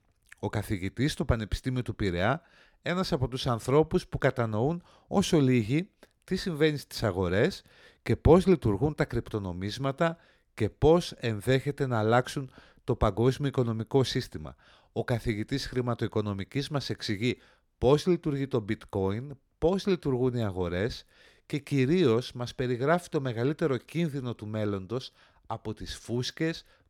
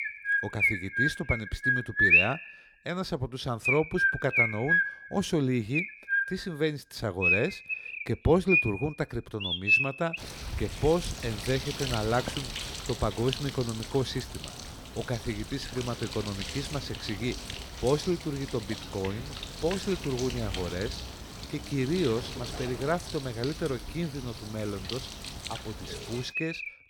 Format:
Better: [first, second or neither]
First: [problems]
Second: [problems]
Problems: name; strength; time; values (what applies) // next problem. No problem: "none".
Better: first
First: none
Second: animal sounds; very loud; throughout; 2 dB above the speech